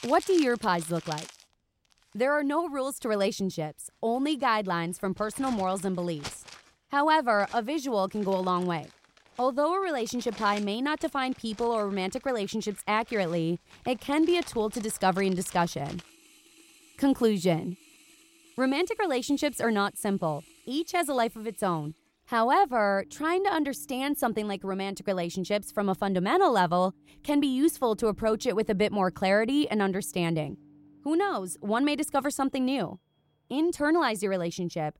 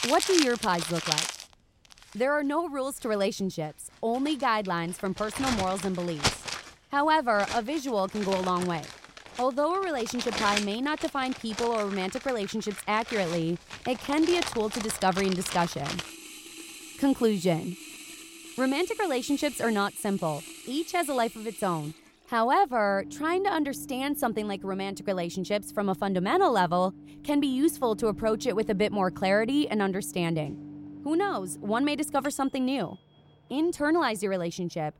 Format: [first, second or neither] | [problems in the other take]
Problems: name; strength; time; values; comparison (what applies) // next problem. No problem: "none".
first | household noises; loud; throughout; 9 dB below the speech; faint in the first